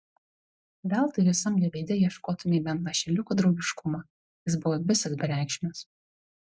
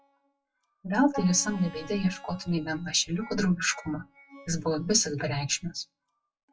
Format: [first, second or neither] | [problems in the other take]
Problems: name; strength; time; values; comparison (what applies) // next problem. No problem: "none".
first | noise reduction (classical method WPE with log-MMSE)